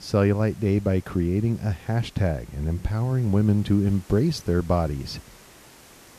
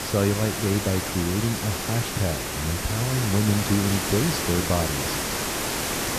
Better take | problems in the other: first | hiss; loud; throughout; 1 dB below the speech; faint in the first

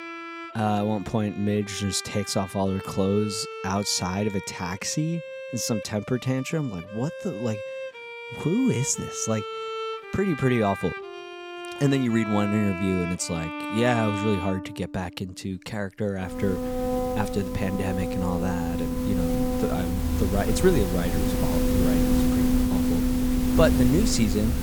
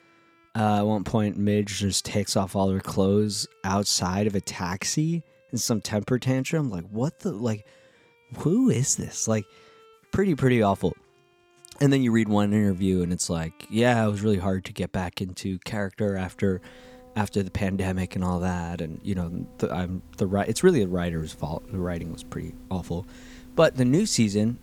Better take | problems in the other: second | background music; loud; throughout; 2 dB below the speech; faint in the second

